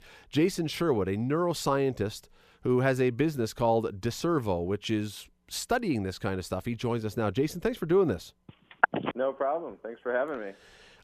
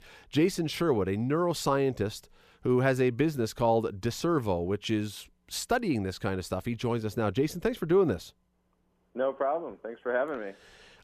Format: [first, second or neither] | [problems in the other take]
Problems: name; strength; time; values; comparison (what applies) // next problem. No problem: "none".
second | phone ringing; loud; at 9 s; peak 3 dB above the speech